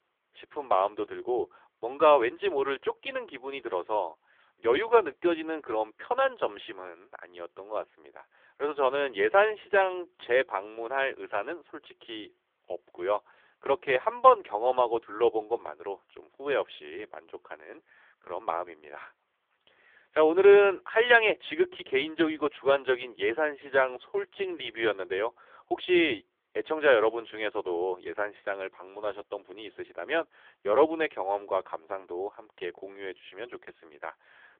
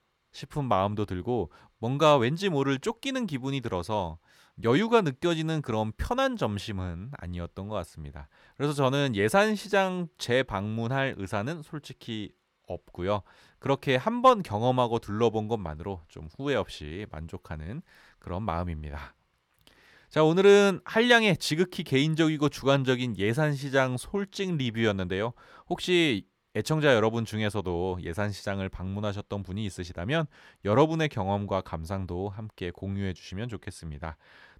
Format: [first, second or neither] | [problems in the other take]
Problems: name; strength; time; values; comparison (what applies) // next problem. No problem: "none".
second | phone-call audio; poor line; nothing above 3.5 kHz